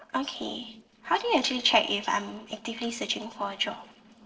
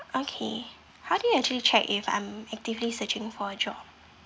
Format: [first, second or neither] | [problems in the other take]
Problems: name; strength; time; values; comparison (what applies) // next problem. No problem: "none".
second | noise reduction (neural separator model SepFormer DNS4)